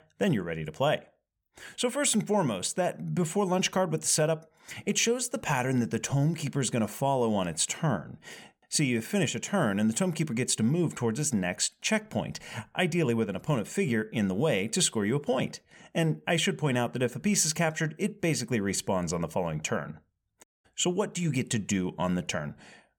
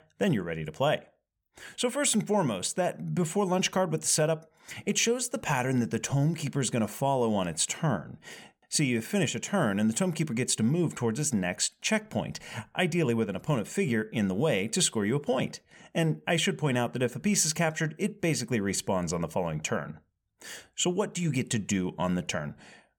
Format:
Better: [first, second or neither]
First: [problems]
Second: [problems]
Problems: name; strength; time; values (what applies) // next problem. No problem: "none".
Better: second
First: audio cutting out; at 20 s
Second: none